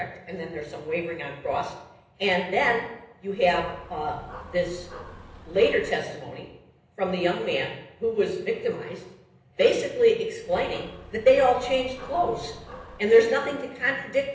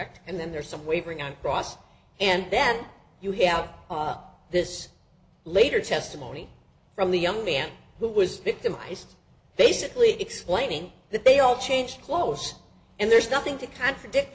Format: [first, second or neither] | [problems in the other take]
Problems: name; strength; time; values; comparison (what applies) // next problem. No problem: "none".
second | background sound (Dog); 17 dB below the speech // room echo; dies away in 0.8 s